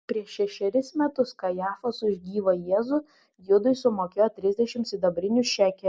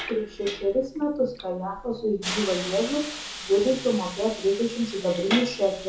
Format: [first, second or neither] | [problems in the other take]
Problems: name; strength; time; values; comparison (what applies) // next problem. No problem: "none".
first | background sound (Hiss); 10 dB below the speech // room echo; dies away in 0.6 s